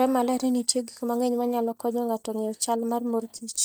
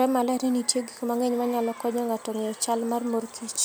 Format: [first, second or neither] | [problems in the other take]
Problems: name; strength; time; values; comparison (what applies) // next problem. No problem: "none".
second | noise reduction (neural mask model DeepFilterNet 3)